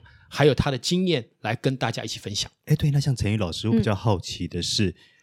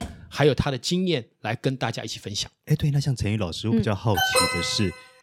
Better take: first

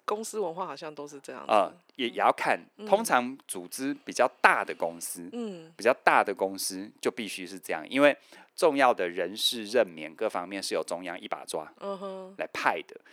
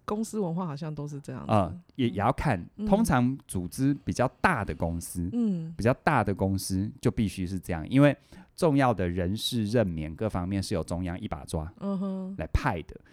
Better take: second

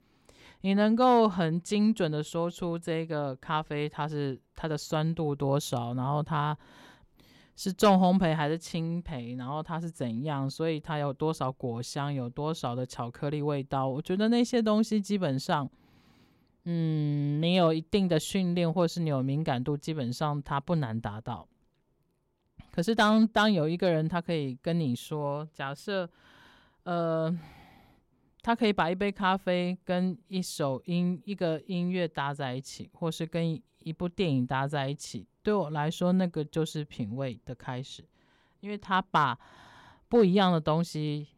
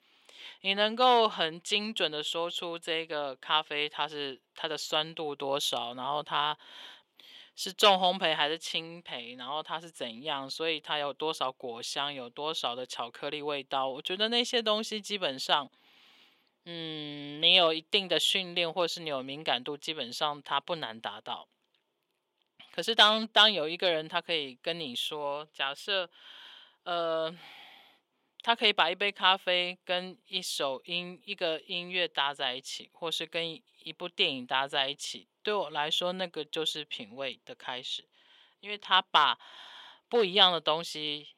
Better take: first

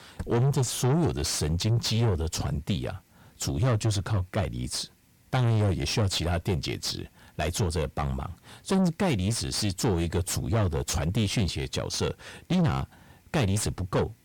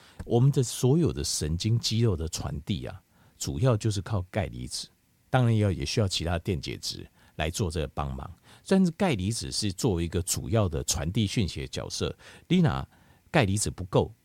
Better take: second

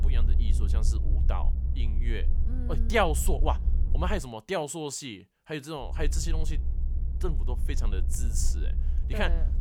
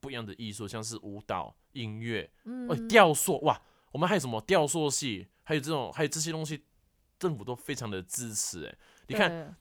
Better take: second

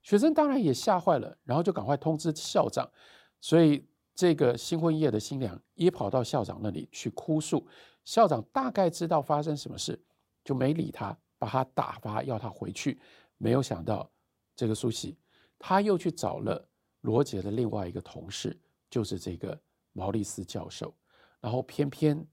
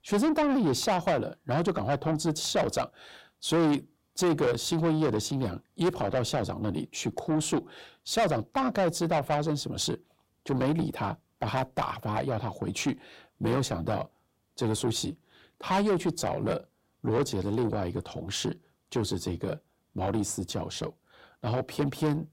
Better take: first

